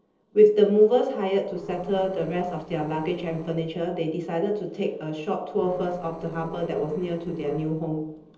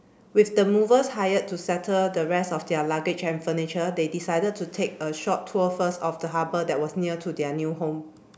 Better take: second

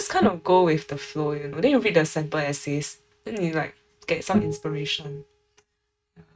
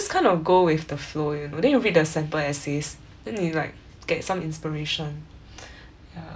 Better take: second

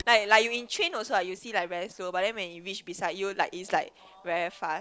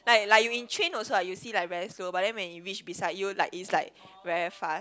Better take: second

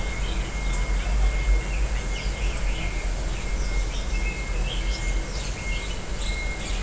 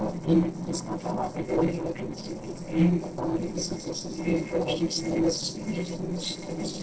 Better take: first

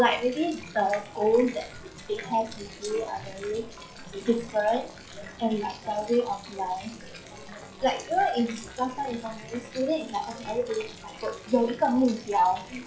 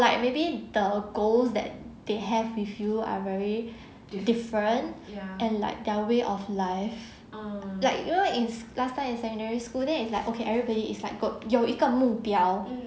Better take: second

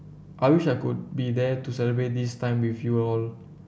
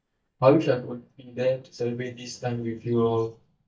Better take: first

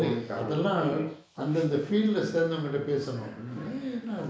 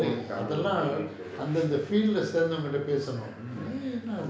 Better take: second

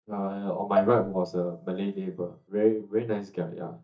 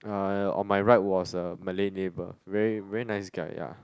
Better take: second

